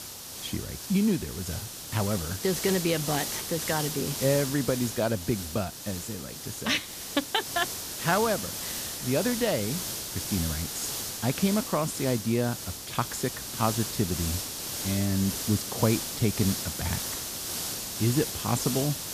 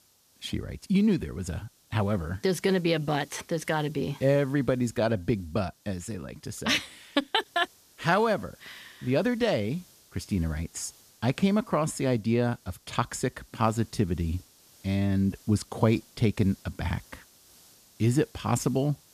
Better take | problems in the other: second | hiss; loud; throughout; 3 dB below the speech; faint in the second

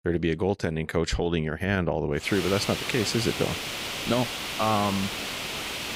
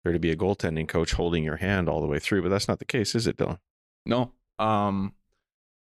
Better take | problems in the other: second | hiss; loud; from 2.5 s on; 4 dB below the speech

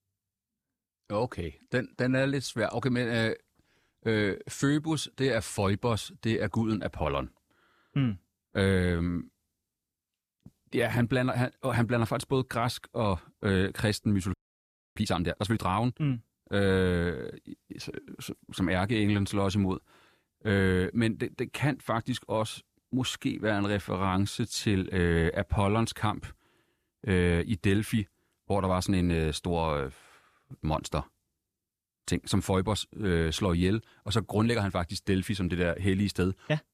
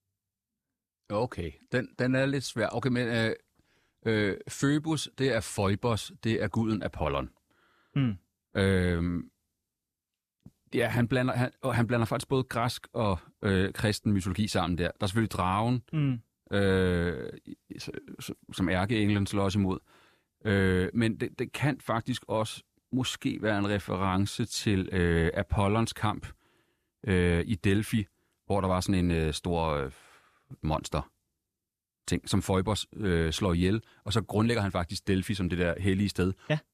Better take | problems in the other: second | audio freezing; at 14 s for 0.5 s

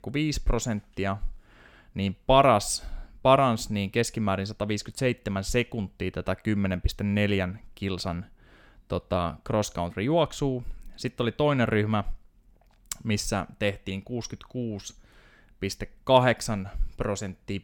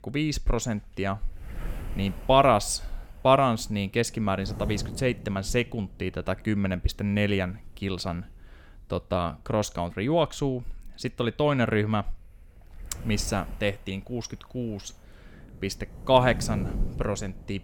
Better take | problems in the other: first | wind noise on the microphone; occasional gusts; 20 dB below the speech

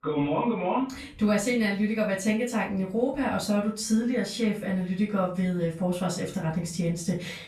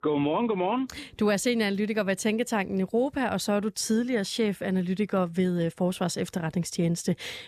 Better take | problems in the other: second | off-mic speech; far // room echo; slight; dies away in 0.3 s

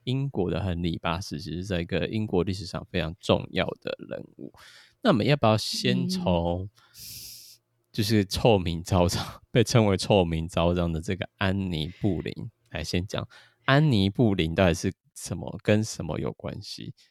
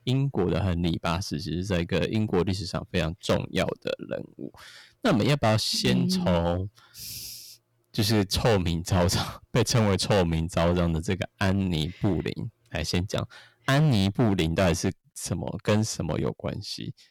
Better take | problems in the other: first | distortion; heavy; 7% of the sound clipped

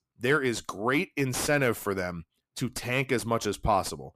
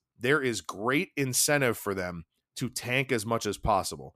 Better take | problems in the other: second | distortion; slight; 10 dB below the speech

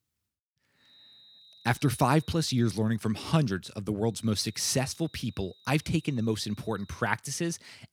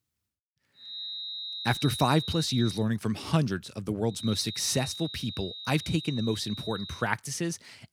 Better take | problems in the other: first | high-pitched whine; loud; from 1 to 3 s and from 4 to 7 s; 4 kHz, 7 dB below the speech; faint in the first

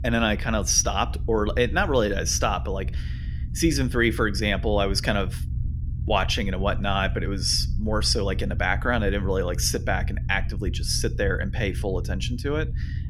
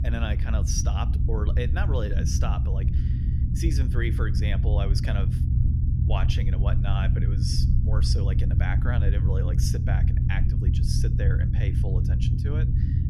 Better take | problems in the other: first | low rumble; loud; throughout; 3 dB below the speech; faint in the first

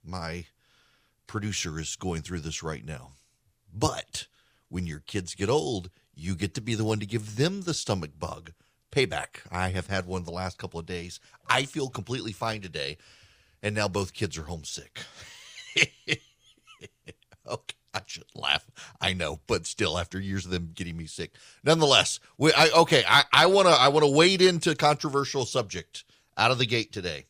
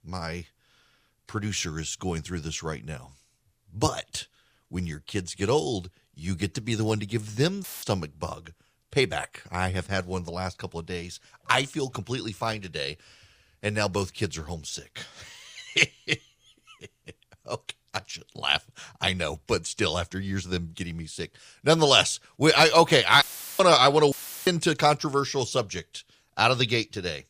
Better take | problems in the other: first | audio cutting out; filled with static; at 7.5 s, at 23 s and at 24 s

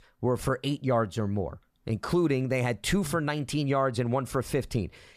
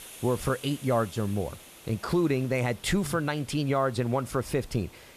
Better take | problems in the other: first | hiss; noticeable; throughout; 20 dB below the speech

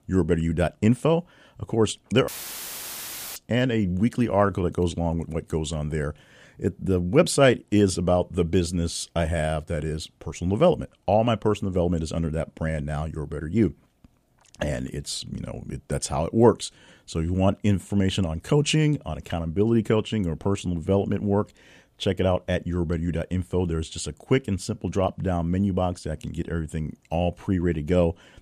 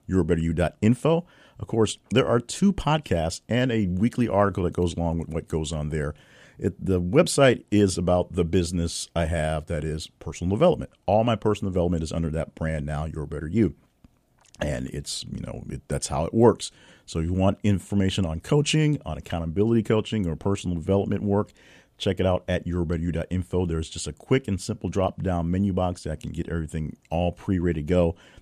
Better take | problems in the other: second | audio cutting out; filled with static; at 2.5 s for 1 s

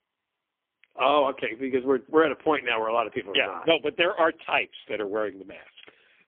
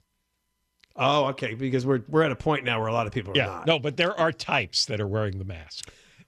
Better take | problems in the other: second | phone-call audio; poor line; nothing above 3.5 kHz

